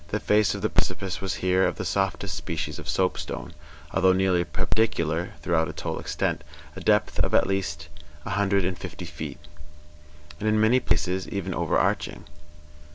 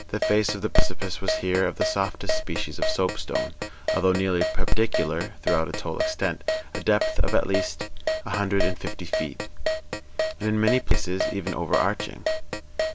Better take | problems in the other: first | background sound (Keyboard (musical)); 8 dB below the speech

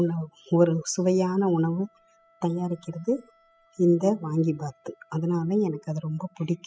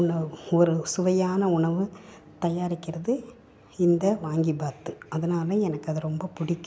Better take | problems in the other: second | noise reduction (classical method spectral subtraction)

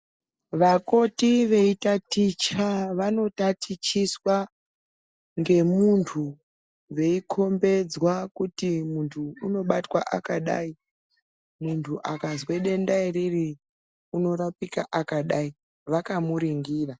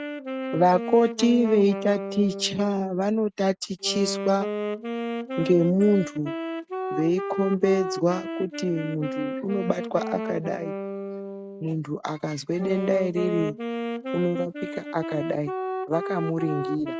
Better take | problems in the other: first | noise reduction (neural mask model RNNoise)

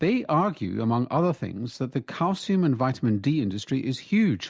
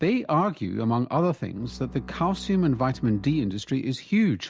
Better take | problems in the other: first | background sound (Bowed string instrument); 18 dB below the speech

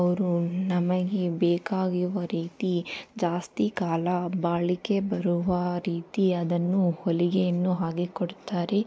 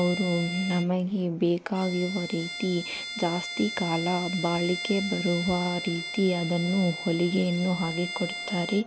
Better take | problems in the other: first | background sound (Bowed string instrument); 9 dB below the speech

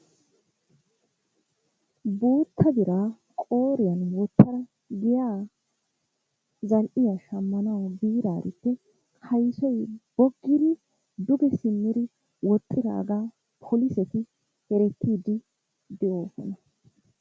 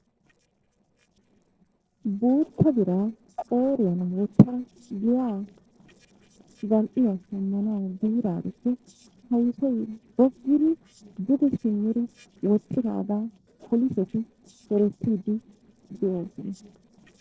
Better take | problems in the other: first | noise reduction (neural separator model SepFormer DNS4)

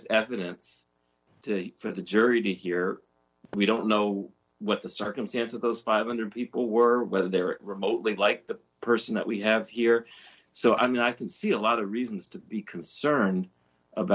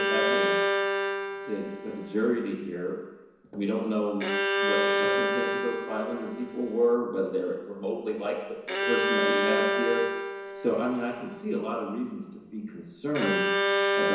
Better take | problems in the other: first | background sound (Bowed string instrument); 1 dB above the speech // room echo; dies away in 1 s

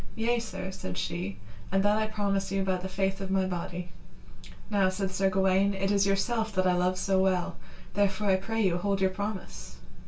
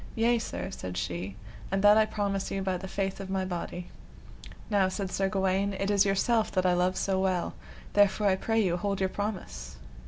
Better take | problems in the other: second | room echo; dies away in 0.2 s

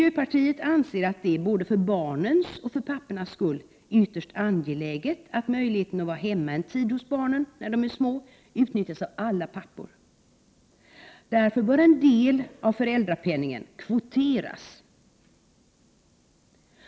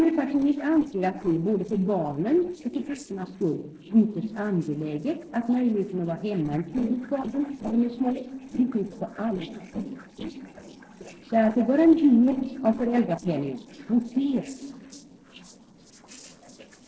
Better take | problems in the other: first | noise reduction (neural separator model SepFormer DNS4)

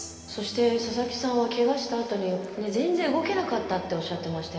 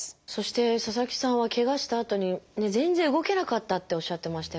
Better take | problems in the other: second | background sound (Organ); 20 dB below the speech // room echo; dies away in 2.5 s

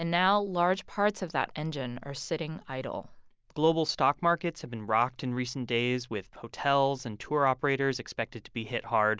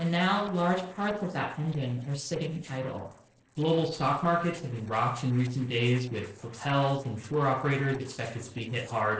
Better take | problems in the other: first | noise reduction (neural separator model SepFormer DNS4)

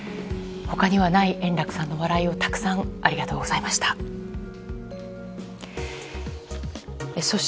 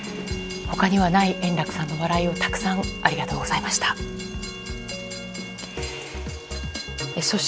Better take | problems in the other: first | background sound (Train); 12 dB below the speech

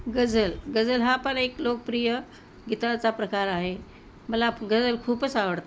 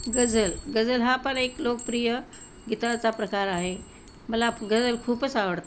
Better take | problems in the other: first | background sound (Chime); 13 dB below the speech

